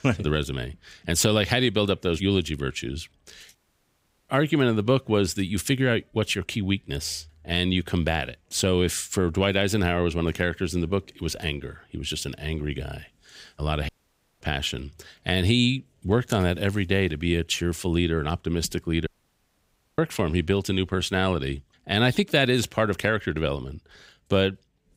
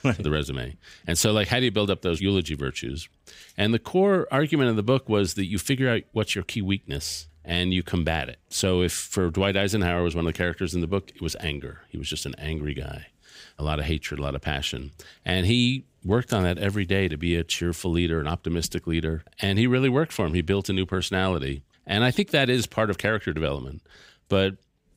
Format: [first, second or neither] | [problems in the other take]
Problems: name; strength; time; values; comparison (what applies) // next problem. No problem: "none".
second | audio cutting out; at 3.5 s for 0.5 s, at 14 s for 0.5 s and at 19 s for 1 s